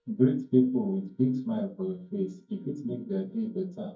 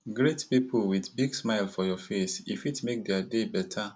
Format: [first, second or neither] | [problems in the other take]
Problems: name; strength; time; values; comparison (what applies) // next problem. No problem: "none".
second | noise reduction (neural mask model DeepFilterNet 3)